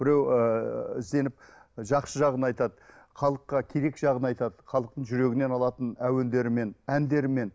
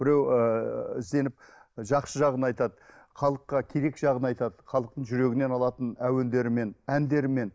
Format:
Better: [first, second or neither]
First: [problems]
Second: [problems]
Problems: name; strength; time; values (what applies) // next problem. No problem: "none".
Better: first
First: none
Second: noise reduction (neural mask model Resemble Enhance denoiser)